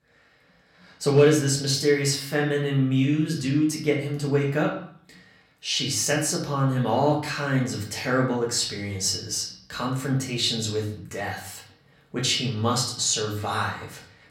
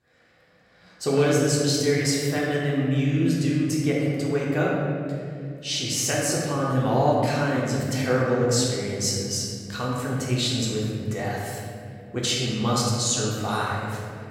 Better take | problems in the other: first | room echo; strong; dies away in 2.8 s; slight in the first // off-mic speech; far; far in the first

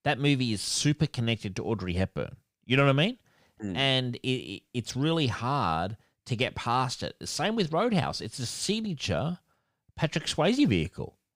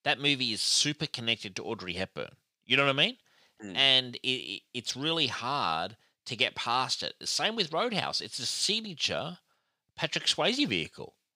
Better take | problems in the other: first | thin; very slightly; fading below 450 Hz

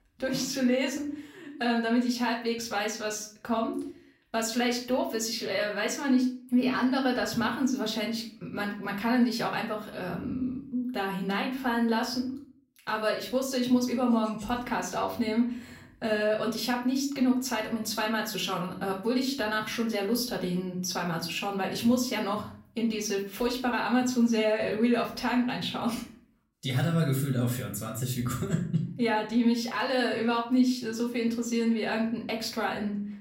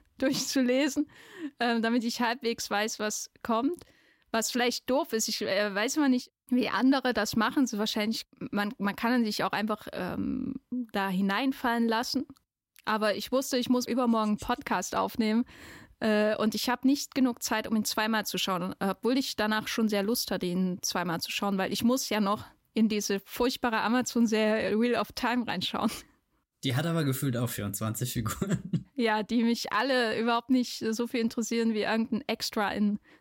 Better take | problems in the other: second | room echo; slight; dies away in 0.4 s // off-mic speech; far

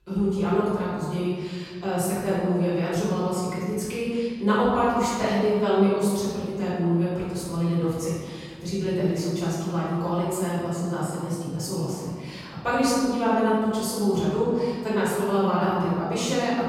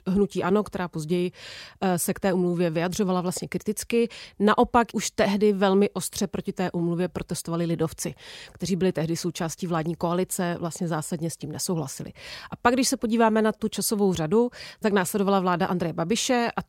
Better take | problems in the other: second | off-mic speech; far // room echo; strong; dies away in 1.6 s

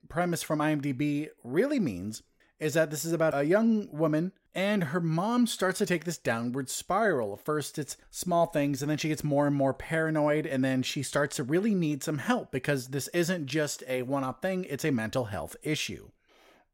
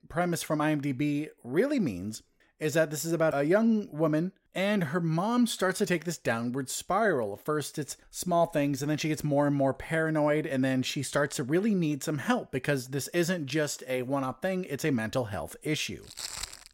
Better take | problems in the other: first | footsteps; noticeable; at 16 s; peak 7 dB below the speech

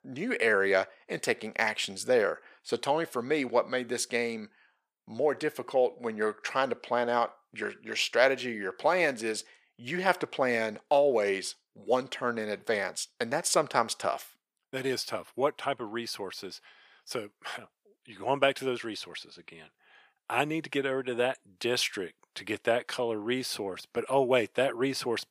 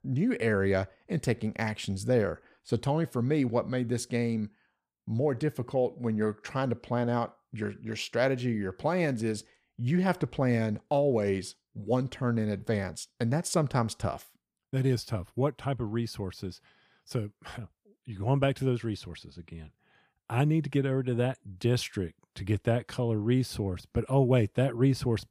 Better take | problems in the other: second | thin; somewhat; fading below 500 Hz

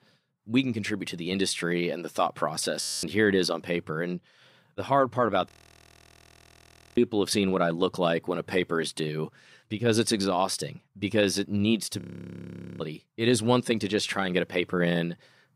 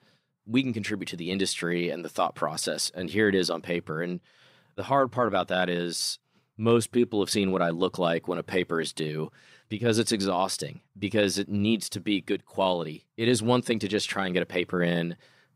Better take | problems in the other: second | audio freezing; at 3 s, at 5.5 s for 1.5 s and at 12 s for 1 s

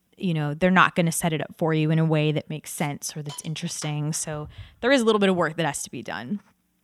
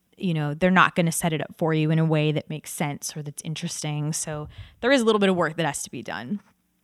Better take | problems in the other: second | hiss; faint; from 2 to 5.5 s; 25 dB below the speech

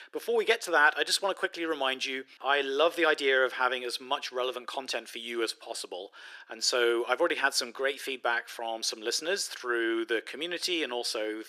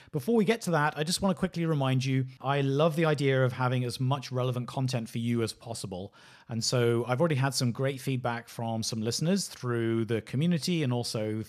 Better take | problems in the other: second | thin; very; fading below 350 Hz

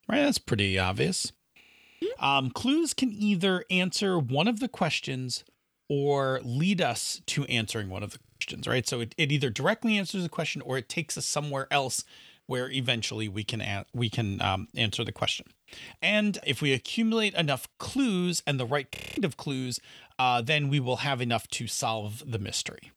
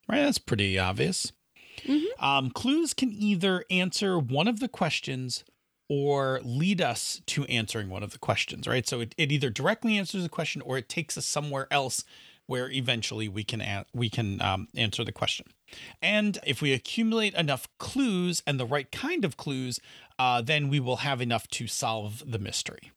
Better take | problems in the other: second | audio freezing; at 1.5 s, at 8 s and at 19 s

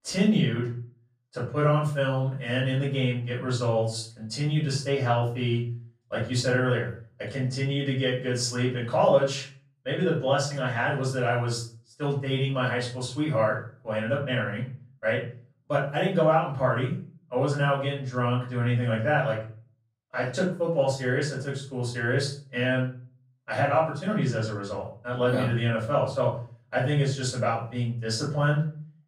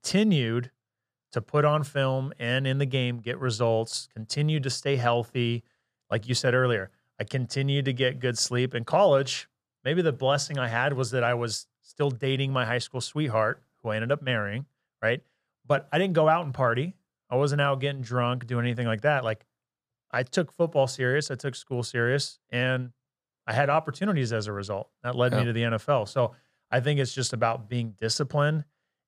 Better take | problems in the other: second | off-mic speech; far // room echo; noticeable; dies away in 0.4 s

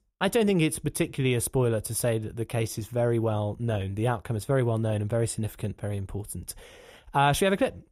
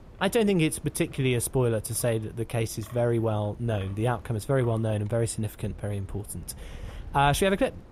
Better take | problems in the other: first | wind in the background; faint; throughout; 20 dB below the speech

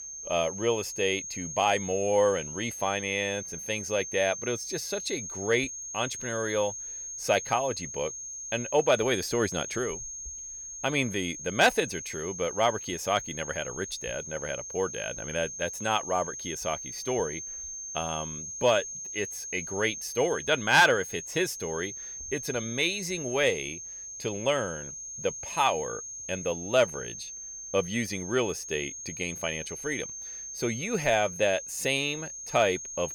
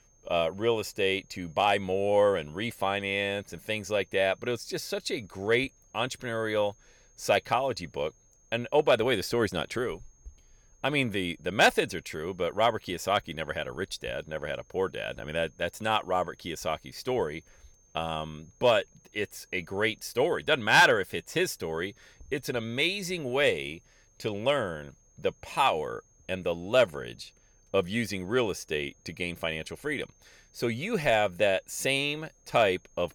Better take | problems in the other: second | high-pitched whine; loud; throughout; 6.5 kHz, 8 dB below the speech; faint in the second

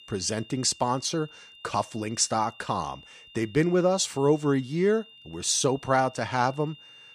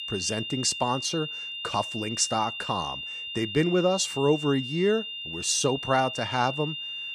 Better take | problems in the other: first | high-pitched whine; loud; throughout; 3 kHz, 6 dB below the speech; faint in the first

